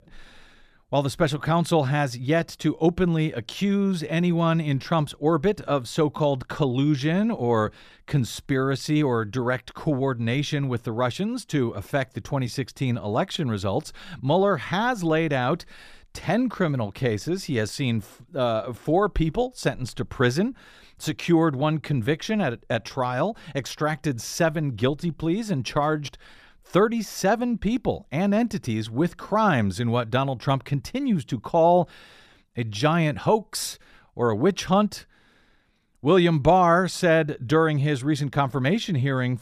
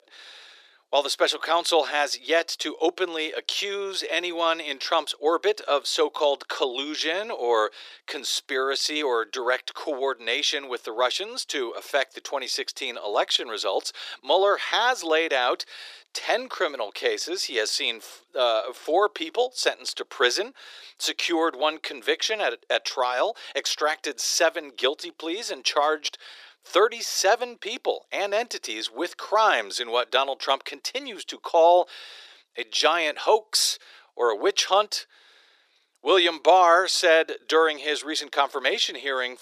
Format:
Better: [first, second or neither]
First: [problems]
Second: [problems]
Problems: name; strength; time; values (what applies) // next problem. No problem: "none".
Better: first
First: none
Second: thin; very; fading below 400 Hz